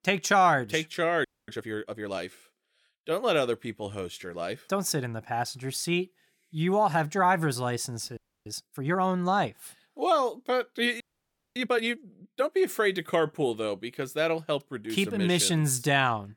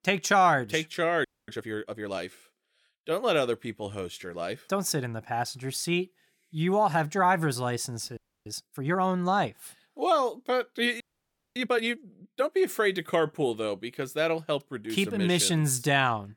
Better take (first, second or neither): neither